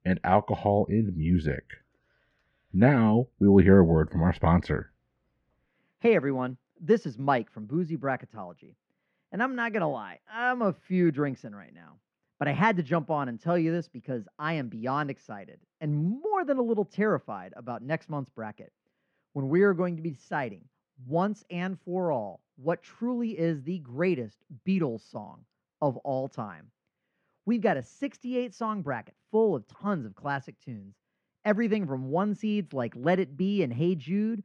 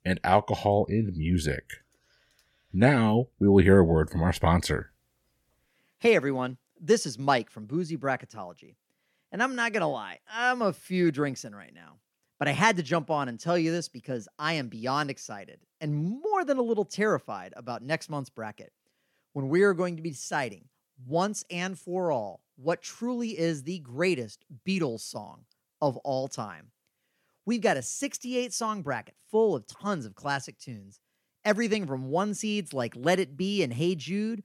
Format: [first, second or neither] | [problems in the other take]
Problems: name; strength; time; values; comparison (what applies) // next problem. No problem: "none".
second | muffled; very; fading above 2 kHz